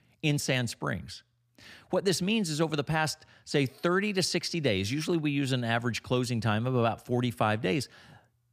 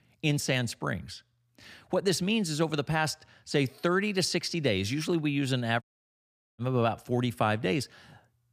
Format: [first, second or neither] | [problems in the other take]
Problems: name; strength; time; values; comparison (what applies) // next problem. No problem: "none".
first | audio cutting out; at 6 s for 1 s